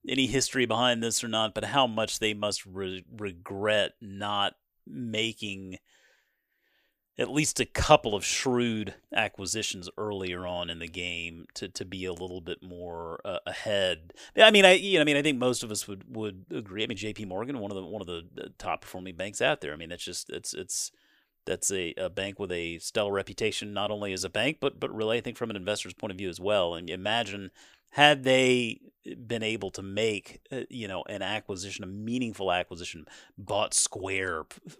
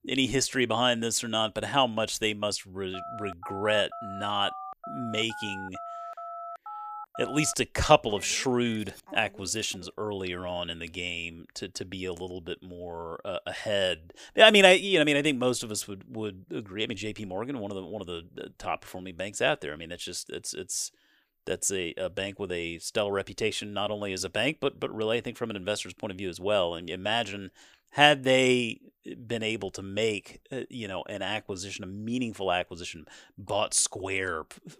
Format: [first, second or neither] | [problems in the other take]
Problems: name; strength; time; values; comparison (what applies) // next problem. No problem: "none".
first | phone ringing; faint; from 3 to 10 s; peak 10 dB below the speech